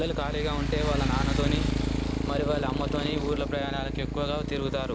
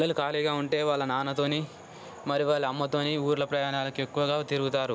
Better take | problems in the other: second | background sound (Motorcycle); 2 dB above the speech

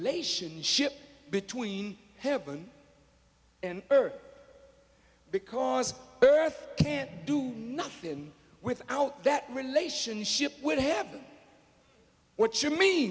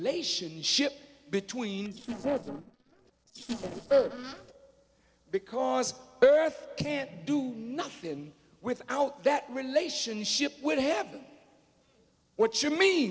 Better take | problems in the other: first | noise reduction (neural separator model SepFormer DNS4)

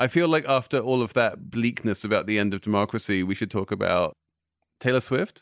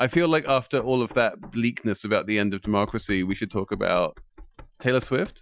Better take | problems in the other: first | noise reduction (classical method Wiener filter)

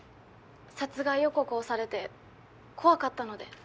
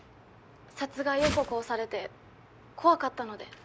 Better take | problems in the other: first | background sound (Whoosh, swoosh, swish); 4 dB below the speech

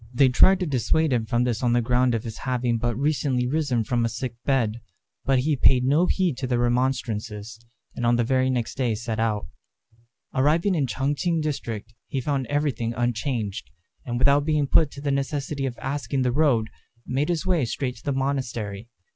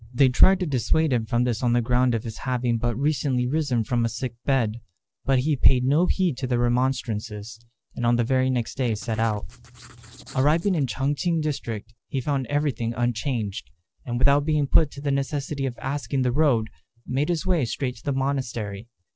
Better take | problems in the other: first | noise reduction (neural separator model SepFormer DNS4)

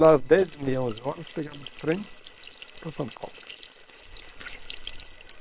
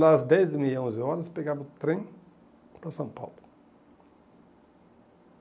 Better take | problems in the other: second | noise reduction (neural separator model SepFormer WHAM!)

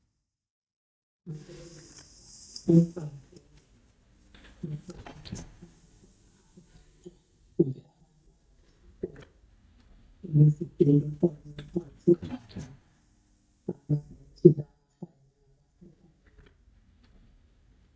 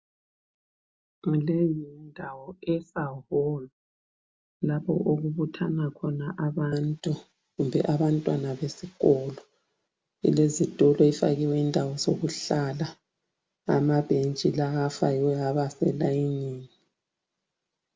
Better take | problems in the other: second | noise reduction (neural mask model DeepFilterNet 3)

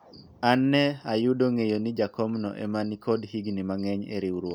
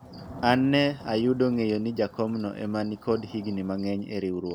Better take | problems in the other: first | background sound (Thunder / Rain); 19 dB below the speech

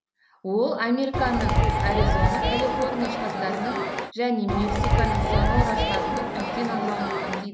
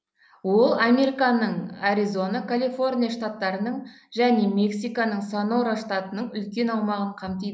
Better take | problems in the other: second | background sound (Crowd); 4 dB above the speech

